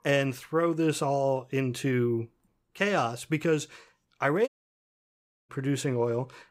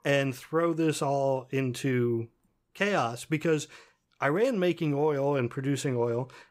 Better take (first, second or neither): second